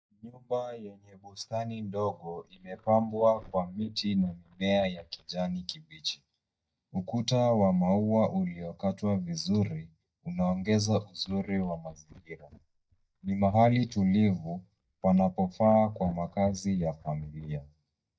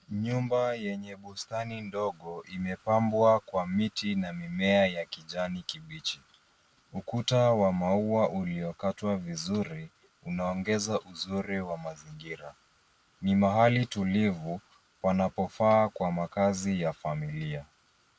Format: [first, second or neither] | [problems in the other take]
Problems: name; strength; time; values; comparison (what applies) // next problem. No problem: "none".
second | noise reduction (neural mask model DeepFilterNet 3)